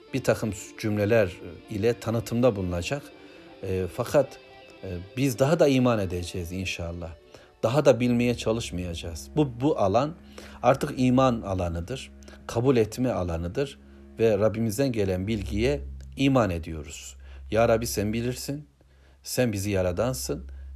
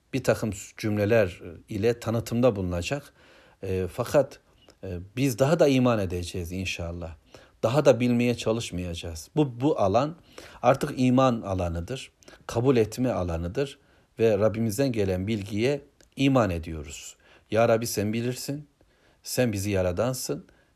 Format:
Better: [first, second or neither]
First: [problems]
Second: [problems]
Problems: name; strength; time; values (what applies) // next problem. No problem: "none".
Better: second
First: background music; faint; throughout; 20 dB below the speech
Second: none